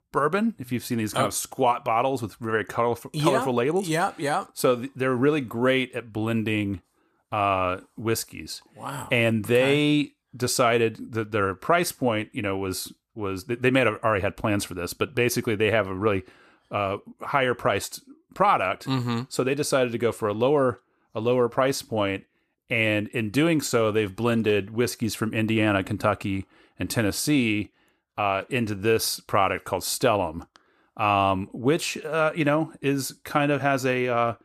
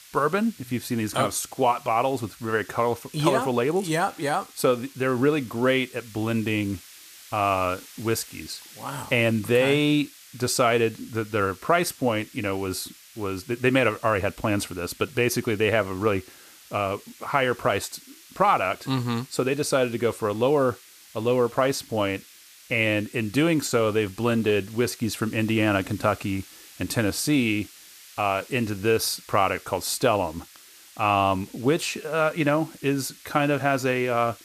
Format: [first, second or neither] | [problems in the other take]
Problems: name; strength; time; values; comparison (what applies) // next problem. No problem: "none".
first | hiss; faint; throughout; 20 dB below the speech